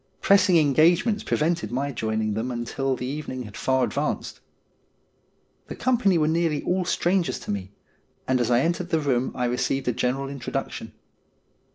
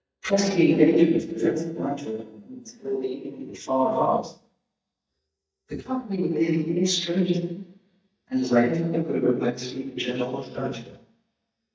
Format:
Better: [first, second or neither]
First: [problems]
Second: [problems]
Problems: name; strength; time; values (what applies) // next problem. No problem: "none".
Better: first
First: none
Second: noise reduction (neural mask model DeepFilterNet 3)